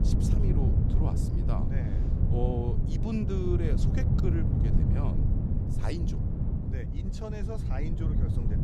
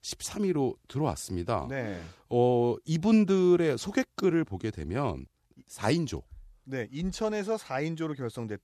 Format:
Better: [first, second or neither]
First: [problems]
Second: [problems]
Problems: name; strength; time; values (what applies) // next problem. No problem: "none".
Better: second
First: wind noise on the microphone; heavy; as loud as the speech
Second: none